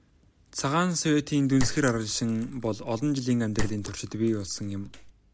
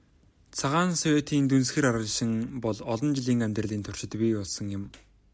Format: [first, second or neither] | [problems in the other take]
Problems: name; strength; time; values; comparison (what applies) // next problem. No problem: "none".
second | background sound (Chink, clink); 7 dB below the speech